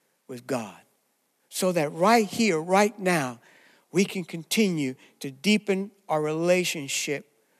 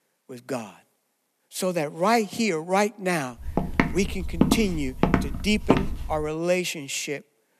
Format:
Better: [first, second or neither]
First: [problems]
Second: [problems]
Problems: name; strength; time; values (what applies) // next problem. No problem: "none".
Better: first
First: none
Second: footsteps; loud; from 3.5 to 6 s; peak 3 dB above the speech